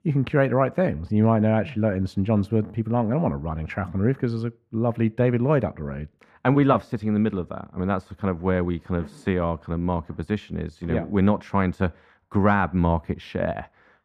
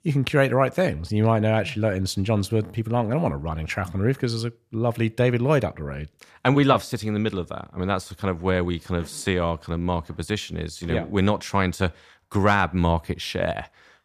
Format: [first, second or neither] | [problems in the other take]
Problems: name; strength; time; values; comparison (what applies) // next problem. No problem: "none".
second | muffled; very; fading above 3 kHz